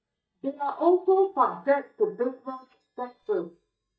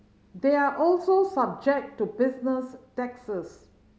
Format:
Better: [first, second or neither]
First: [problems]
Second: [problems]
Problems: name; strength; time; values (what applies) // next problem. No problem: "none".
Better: second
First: noise reduction (neural mask model DeepFilterNet 3)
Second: none